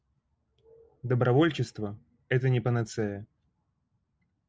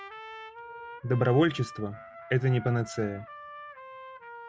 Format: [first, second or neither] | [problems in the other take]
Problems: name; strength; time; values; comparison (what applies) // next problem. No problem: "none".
first | background sound (Trumpet); 14 dB below the speech